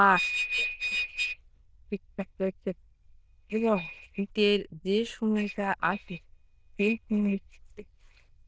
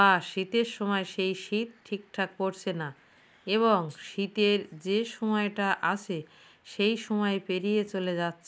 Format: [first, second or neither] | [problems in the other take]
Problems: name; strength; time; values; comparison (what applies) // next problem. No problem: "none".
second | noise reduction (neural diffusion model UNIVERSE++)